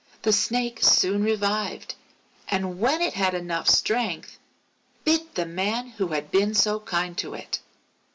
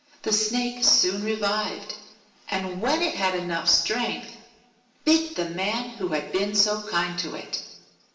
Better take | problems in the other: first | room echo; dies away in 1 s

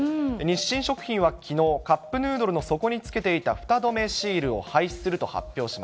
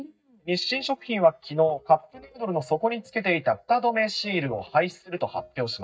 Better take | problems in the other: first | noise reduction (neural mask model DeepFilterNet 3)

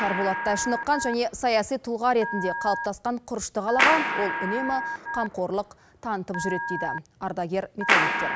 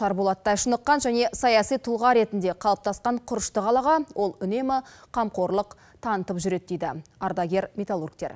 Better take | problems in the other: second | background sound (Clapping + Telephone); 2 dB below the speech

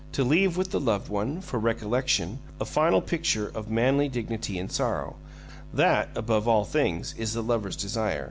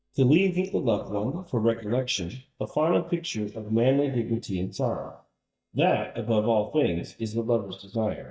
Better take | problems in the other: first | noise reduction (neural mask model DeepFilterNet 3)

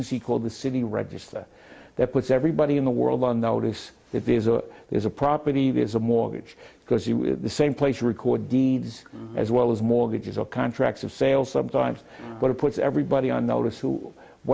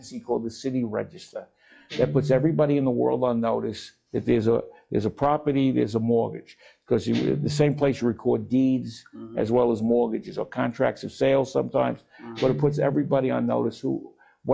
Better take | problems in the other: first | noise reduction (classical method log-MMSE)

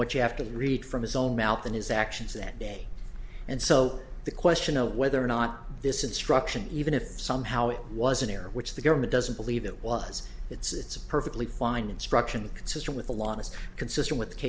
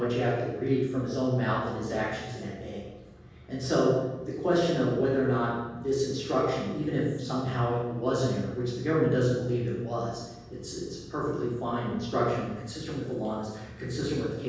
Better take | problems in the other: first | room echo; dies away in 1.3 s

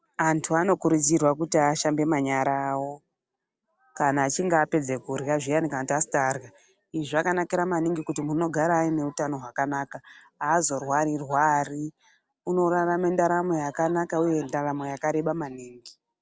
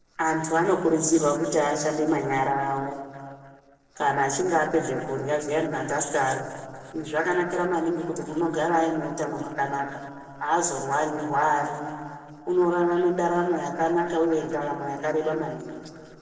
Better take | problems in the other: first | noise reduction (neural separator model SepFormer DNS4)

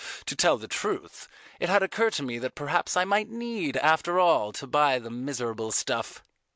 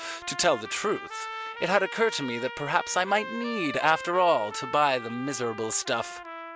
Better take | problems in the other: first | background sound (Trumpet); 11 dB below the speech

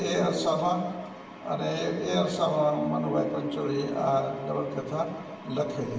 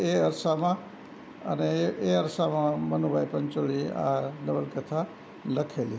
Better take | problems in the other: second | room echo; dies away in 1.3 s

